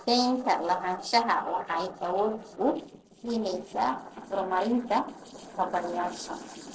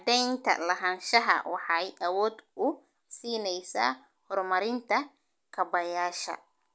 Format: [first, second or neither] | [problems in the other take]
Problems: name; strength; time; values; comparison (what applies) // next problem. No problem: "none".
second | noise reduction (neural separator model SepFormer DNS4)